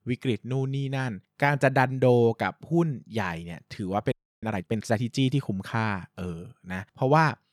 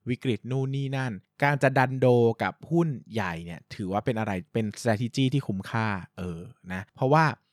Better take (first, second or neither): second